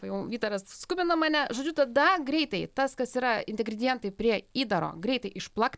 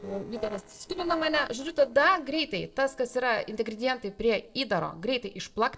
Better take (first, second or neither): first